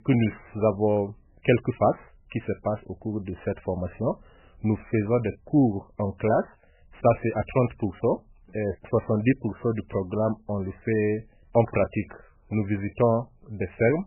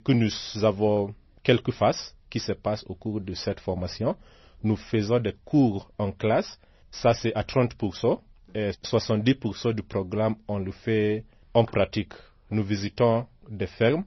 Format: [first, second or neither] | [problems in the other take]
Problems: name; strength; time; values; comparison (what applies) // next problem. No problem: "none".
second | garbled, watery; badly; nothing above 3 kHz; slightly in the second